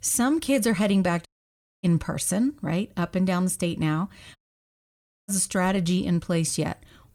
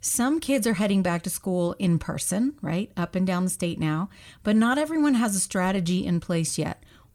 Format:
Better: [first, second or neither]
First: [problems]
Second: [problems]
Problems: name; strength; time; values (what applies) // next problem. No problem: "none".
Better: second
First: audio cutting out; at 1.5 s for 0.5 s and at 4.5 s for 1 s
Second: none